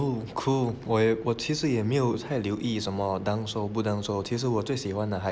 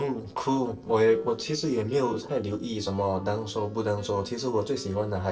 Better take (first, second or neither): first